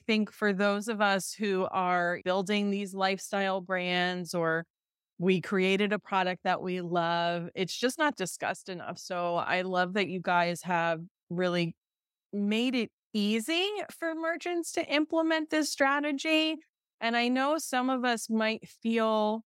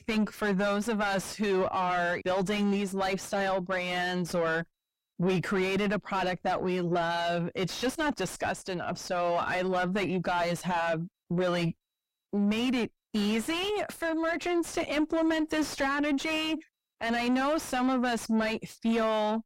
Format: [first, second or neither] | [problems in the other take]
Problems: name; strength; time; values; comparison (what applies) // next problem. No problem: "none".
first | distortion; heavy; 4 dB below the speech